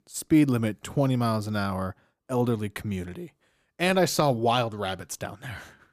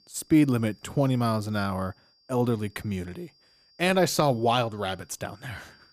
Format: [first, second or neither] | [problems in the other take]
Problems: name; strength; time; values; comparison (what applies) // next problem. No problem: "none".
first | high-pitched whine; faint; throughout; 5 kHz, 35 dB below the speech